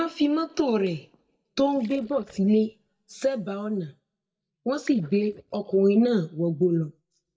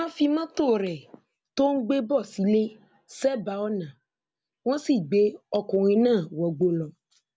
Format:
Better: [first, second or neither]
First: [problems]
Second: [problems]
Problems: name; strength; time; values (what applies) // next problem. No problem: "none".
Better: second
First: noise reduction (neural mask model DeepFilterNet 3)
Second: none